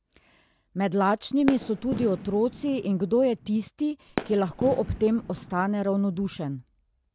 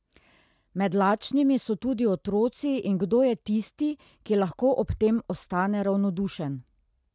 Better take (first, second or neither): second